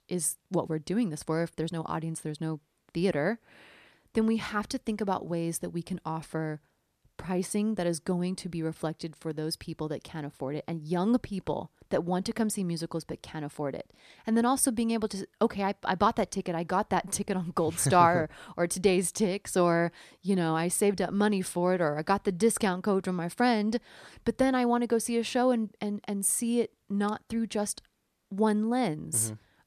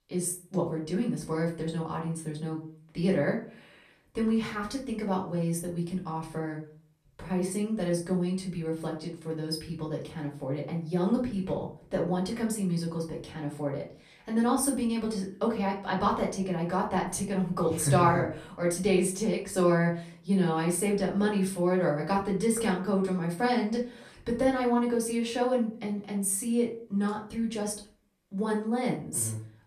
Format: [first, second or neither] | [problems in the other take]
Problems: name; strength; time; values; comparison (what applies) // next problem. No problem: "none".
first | off-mic speech; far // room echo; slight; dies away in 0.3 s